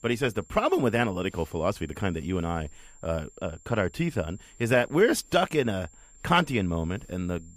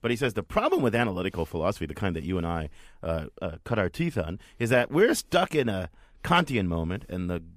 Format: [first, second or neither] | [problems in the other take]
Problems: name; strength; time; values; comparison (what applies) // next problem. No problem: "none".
second | high-pitched whine; faint; throughout; 7.5 kHz, 25 dB below the speech